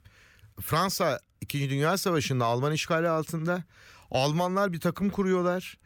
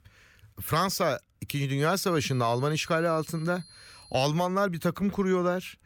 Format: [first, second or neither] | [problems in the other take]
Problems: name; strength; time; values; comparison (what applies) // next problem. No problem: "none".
first | high-pitched whine; faint; from 2 to 4 s; 4 kHz, 20 dB below the speech